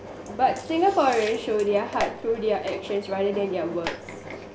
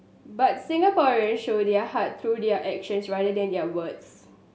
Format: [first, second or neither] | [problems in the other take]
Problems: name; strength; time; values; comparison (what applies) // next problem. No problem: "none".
second | background sound (Engine); 11 dB below the speech